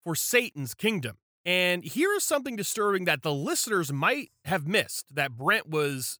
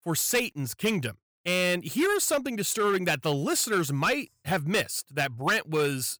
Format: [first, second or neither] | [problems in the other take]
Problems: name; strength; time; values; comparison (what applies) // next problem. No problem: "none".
first | distortion; slight; 7% of the sound clipped